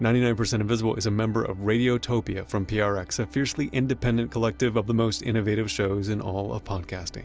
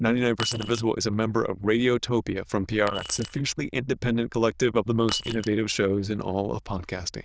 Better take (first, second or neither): first